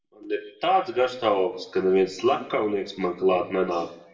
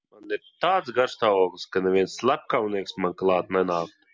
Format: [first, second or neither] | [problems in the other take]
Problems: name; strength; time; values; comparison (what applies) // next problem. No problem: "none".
second | room echo; dies away in 0.7 s